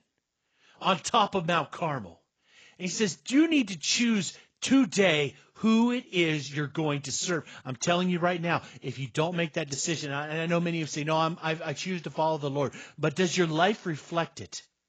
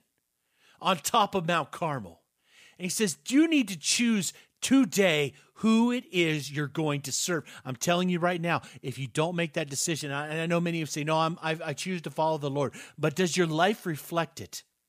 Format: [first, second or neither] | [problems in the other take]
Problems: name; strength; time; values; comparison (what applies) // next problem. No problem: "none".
second | garbled, watery; badly; nothing above 7.5 kHz